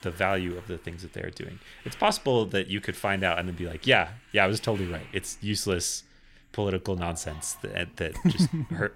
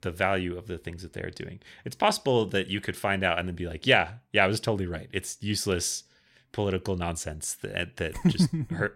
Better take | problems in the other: second | household noises; faint; throughout; 20 dB below the speech

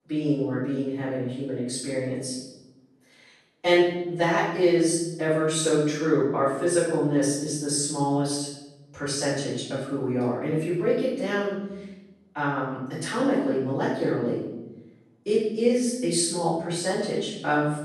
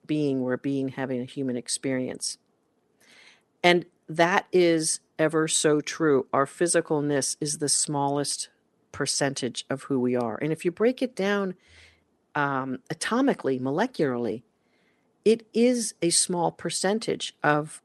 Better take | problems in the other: second | off-mic speech; far // room echo; strong; dies away in 0.9 s

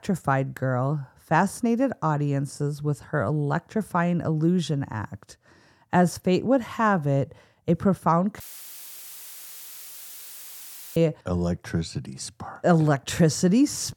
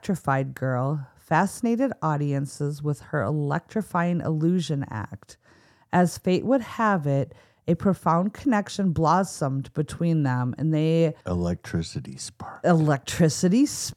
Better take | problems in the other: second | audio cutting out; filled with static; at 8.5 s for 2.5 s

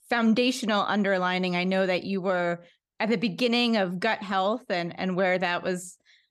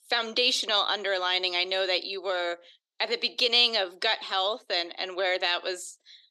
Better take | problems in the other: first | thin; very; fading below 300 Hz

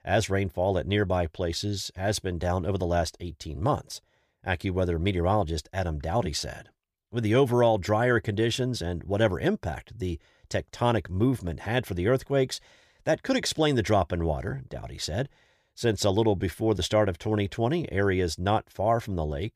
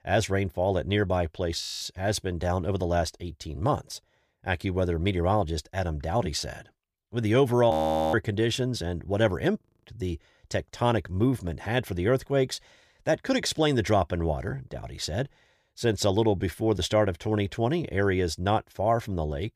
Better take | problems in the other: first | audio freezing; at 1.5 s, at 7.5 s and at 9.5 s

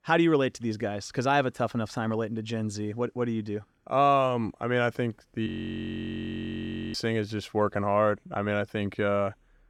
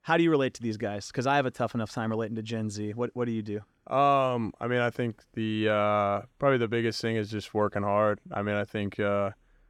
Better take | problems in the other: second | audio freezing; at 5.5 s for 1.5 s

